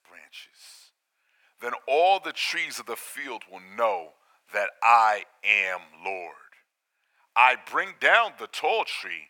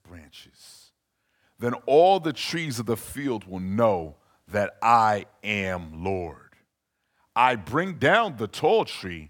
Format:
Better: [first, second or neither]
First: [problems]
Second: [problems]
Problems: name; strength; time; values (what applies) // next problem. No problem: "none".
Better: second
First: thin; very; fading below 800 Hz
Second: none